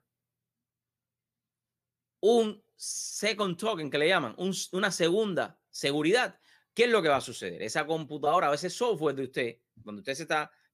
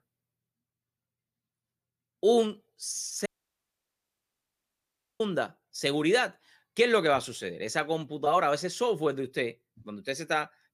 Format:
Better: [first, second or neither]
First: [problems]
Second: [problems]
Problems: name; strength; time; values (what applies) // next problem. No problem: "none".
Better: first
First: none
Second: audio cutting out; at 3.5 s for 2 s